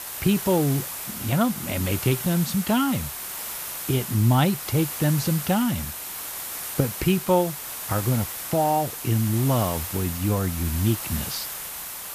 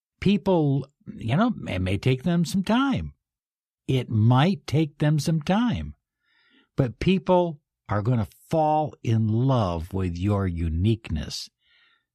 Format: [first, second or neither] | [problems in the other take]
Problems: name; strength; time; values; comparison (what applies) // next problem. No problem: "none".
second | hiss; loud; throughout; 6 dB below the speech